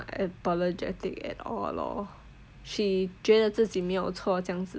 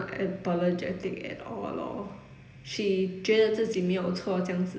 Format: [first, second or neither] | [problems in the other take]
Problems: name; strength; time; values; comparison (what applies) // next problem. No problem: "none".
first | room echo; dies away in 0.8 s